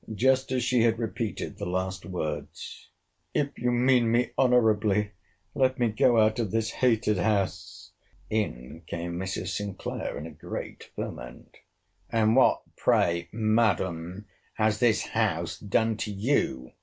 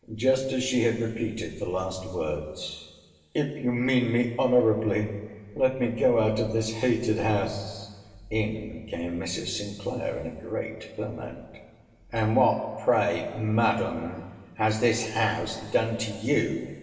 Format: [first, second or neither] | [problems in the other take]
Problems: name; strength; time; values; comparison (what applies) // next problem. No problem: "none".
first | room echo; dies away in 1.9 s